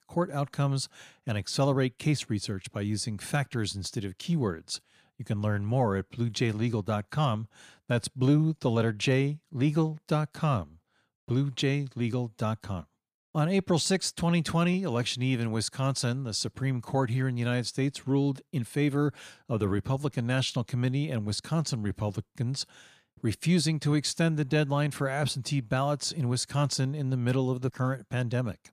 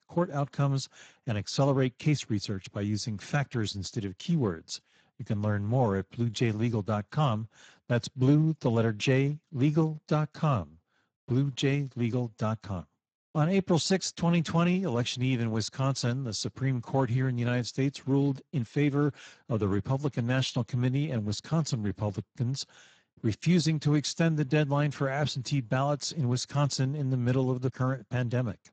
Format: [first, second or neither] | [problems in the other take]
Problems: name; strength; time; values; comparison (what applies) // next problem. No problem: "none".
first | garbled, watery; badly; nothing above 7.5 kHz